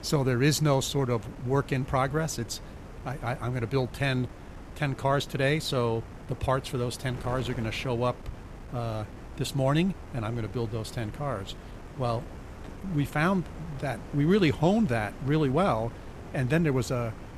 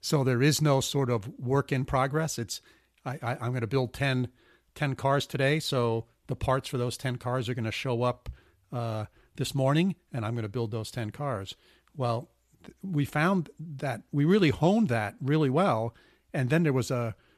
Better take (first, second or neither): second